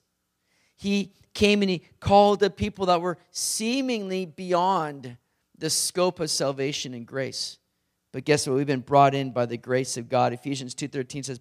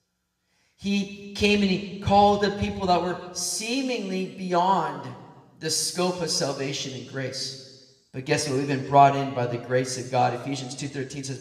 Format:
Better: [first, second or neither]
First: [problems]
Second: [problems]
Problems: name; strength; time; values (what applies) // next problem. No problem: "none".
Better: first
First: none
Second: room echo; slight; dies away in 1.2 s